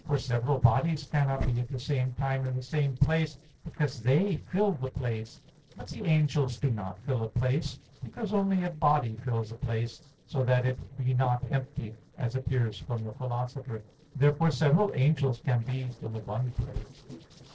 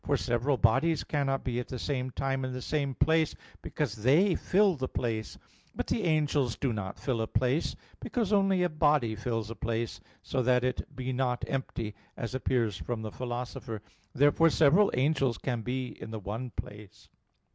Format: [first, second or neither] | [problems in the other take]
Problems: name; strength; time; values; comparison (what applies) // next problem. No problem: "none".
second | noise reduction (neural separator model SepFormer DNS4)